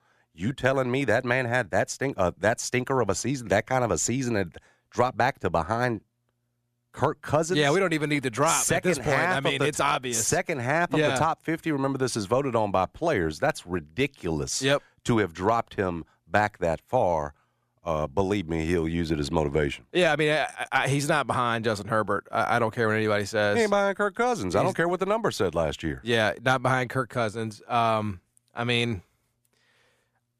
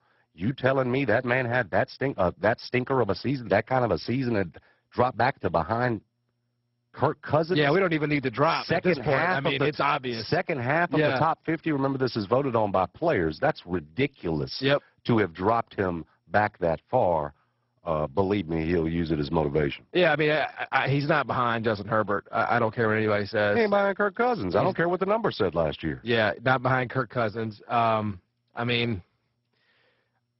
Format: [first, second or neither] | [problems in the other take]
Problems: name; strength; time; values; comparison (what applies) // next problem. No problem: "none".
first | garbled, watery; badly; nothing above 5.5 kHz